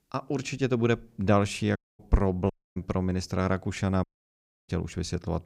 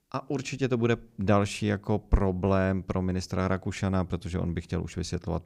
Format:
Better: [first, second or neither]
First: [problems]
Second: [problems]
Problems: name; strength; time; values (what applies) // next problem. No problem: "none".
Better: second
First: audio cutting out; at 2 s, at 2.5 s and at 4 s for 0.5 s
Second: none